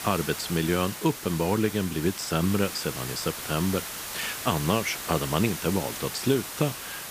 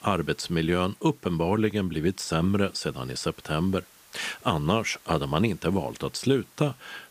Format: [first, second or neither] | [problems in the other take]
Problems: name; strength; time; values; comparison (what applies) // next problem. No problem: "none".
second | hiss; loud; throughout; 6 dB below the speech; faint in the second